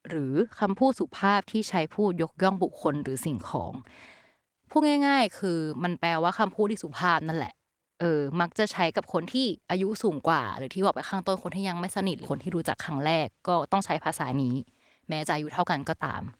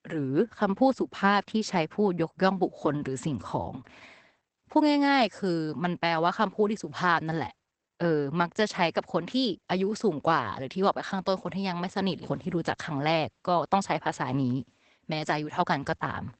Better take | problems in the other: first | garbled, watery; badly; nothing above 8 kHz; slightly in the first

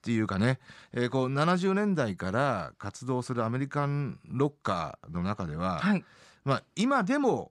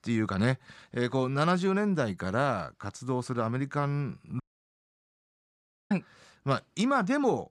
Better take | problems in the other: first | audio cutting out; at 4.5 s for 1.5 s

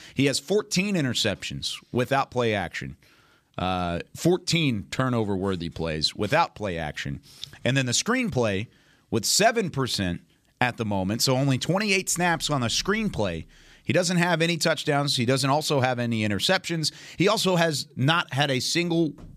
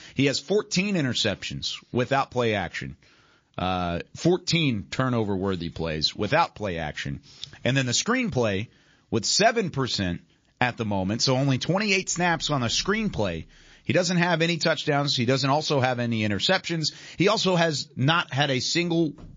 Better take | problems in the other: first | garbled, watery; slightly

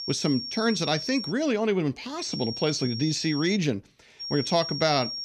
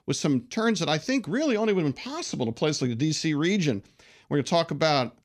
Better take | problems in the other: second | high-pitched whine; loud; until 1.5 s, from 2 to 3.5 s and from 4 s on; 5.5 kHz, 6 dB below the speech

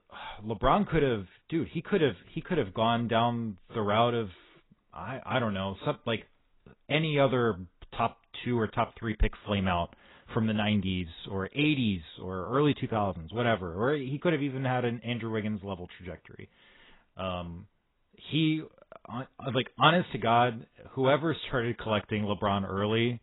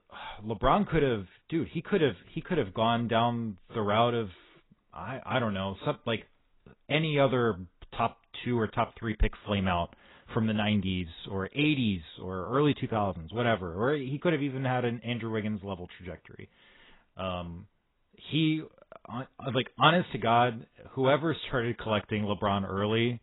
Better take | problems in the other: neither | garbled, watery; badly; nothing above 3.5 kHz; the same in both

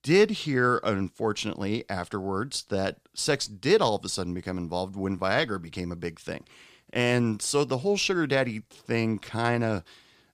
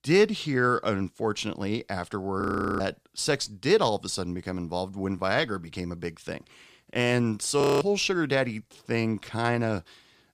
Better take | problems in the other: first | audio freezing; at 2.5 s and at 7.5 s

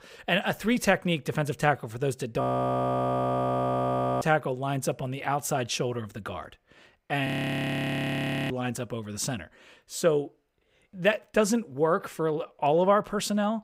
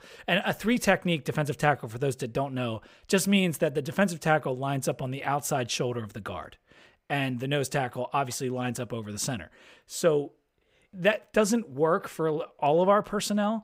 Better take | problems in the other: second | audio freezing; at 2.5 s for 2 s and at 7.5 s for 1 s

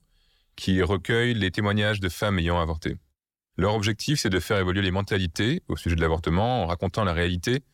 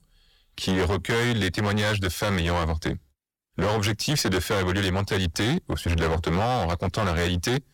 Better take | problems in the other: first | distortion; heavy; 23% of the sound clipped

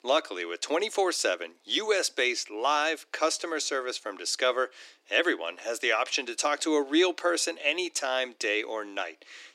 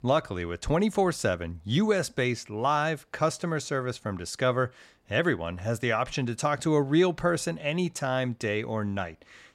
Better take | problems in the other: second | thin; very; fading below 300 Hz

